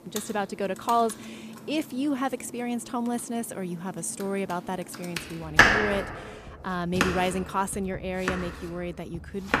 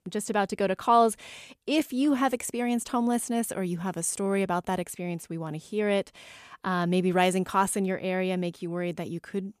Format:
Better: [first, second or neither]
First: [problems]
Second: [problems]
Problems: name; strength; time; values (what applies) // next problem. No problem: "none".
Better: second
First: household noises; very loud; throughout; 4 dB above the speech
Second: none